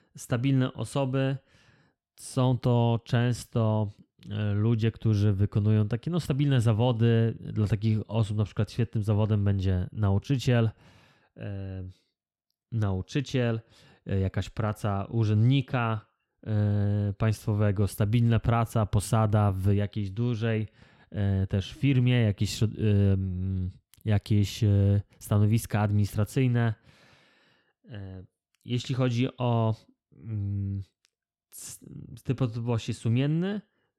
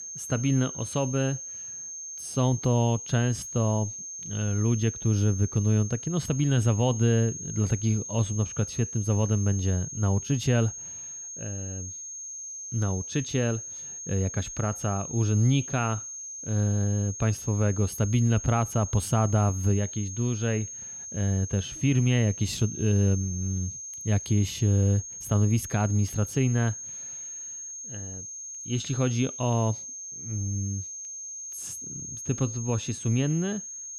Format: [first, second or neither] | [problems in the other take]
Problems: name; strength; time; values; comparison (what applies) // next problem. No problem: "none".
first | high-pitched whine; loud; throughout; 6.5 kHz, 9 dB below the speech